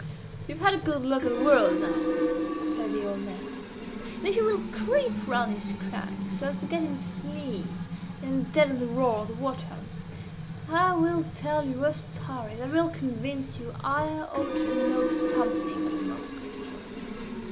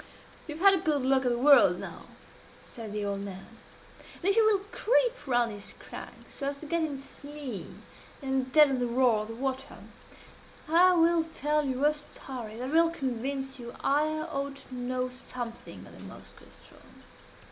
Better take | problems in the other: second | background sound (Fill (with liquid)); 2 dB below the speech

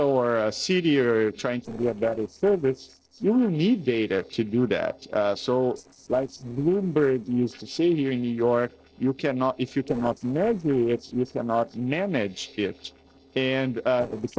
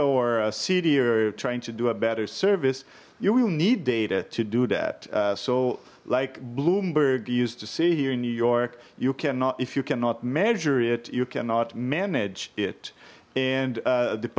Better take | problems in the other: second | noise reduction (neural separator model SepFormer DNS4)

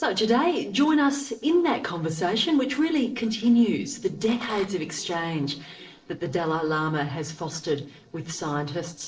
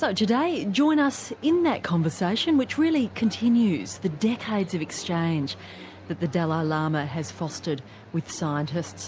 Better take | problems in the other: second | noise reduction (neural separator model SepFormer DNS4)

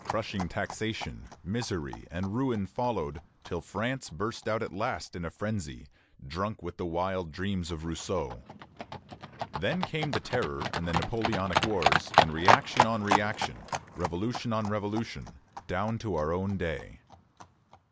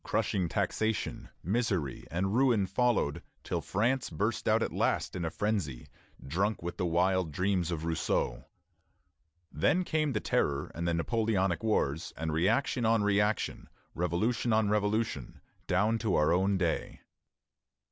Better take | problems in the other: second | background sound (Livestock, farm animals, working animals); 1 dB below the speech

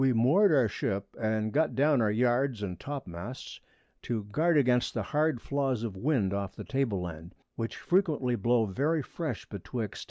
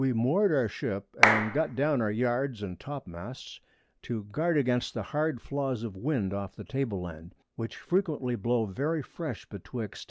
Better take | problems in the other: first | background sound (Clapping); 2 dB above the speech

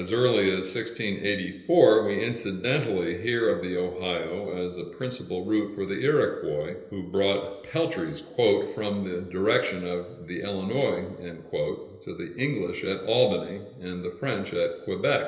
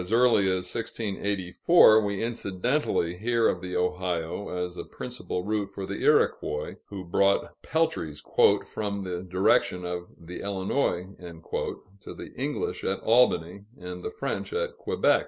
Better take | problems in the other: second | room echo; dies away in 1.4 s

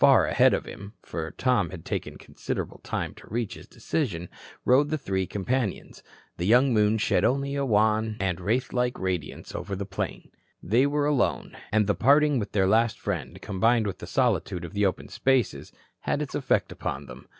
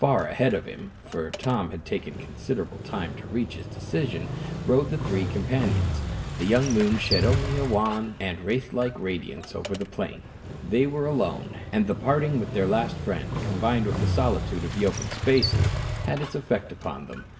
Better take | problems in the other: first | background sound (Motorcycle); 4 dB below the speech // room echo; dies away in 0.7 s

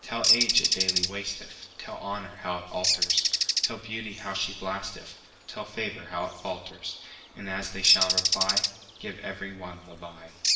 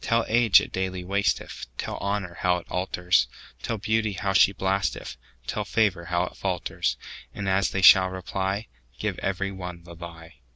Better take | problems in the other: second | background sound (Bird); 4 dB above the speech // room echo; dies away in 1 s

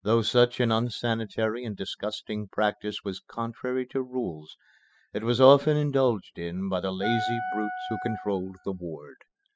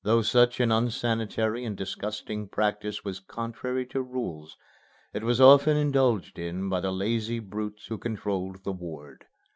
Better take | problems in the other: second | noise reduction (classical method spectral subtraction)

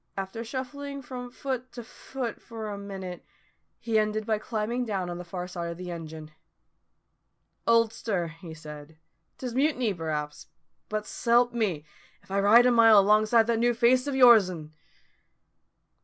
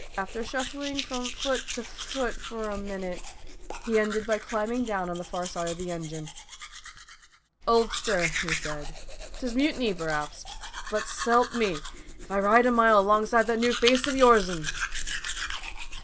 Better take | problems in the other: first | background sound (Domestic sounds, home sounds); 7 dB below the speech

